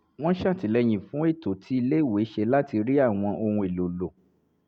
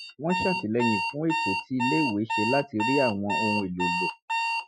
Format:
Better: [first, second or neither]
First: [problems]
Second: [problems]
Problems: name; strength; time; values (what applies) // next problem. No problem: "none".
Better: first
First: none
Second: noise reduction (classical method Wiener filter)